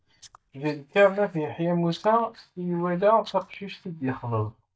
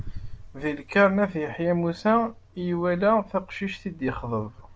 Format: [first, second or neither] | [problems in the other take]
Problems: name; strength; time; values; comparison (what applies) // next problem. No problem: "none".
second | noise reduction (neural mask model DeepFilterNet 3)